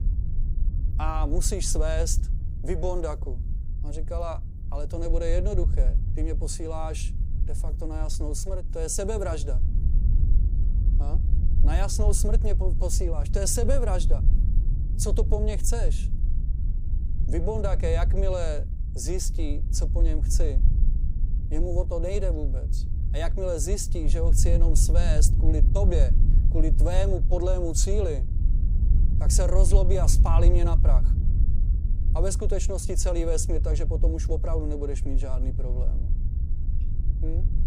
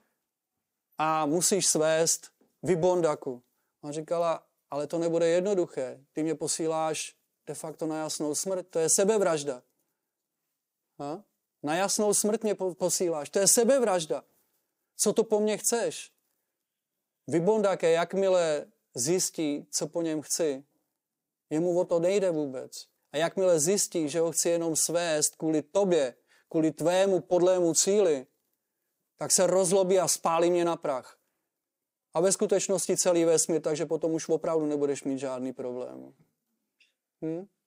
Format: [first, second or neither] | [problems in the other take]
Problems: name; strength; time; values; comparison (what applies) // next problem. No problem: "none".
second | wind noise on the microphone; occasional gusts; 15 dB below the speech